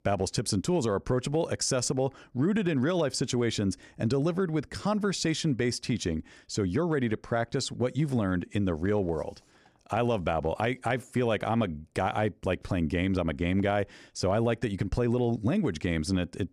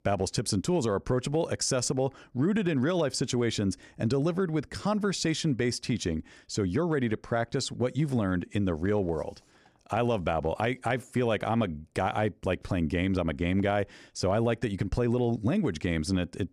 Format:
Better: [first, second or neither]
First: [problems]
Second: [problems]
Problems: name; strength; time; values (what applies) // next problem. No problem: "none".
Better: neither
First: none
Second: none